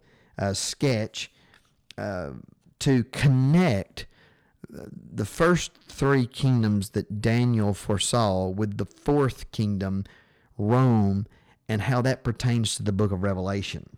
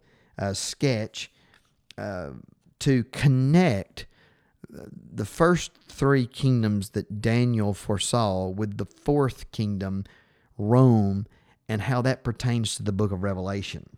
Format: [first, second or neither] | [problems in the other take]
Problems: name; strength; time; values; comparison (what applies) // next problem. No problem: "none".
second | distortion; slight; 3% of the sound clipped